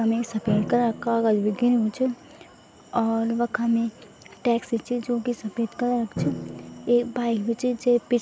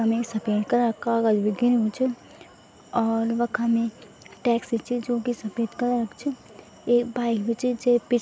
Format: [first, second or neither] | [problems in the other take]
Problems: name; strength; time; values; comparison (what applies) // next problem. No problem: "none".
second | background sound (Drum); 14 dB below the speech